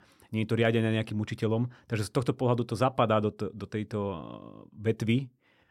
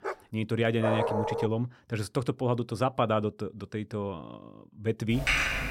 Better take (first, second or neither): first